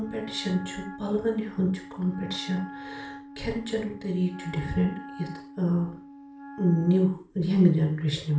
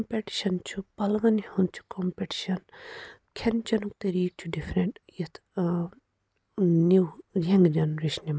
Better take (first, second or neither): second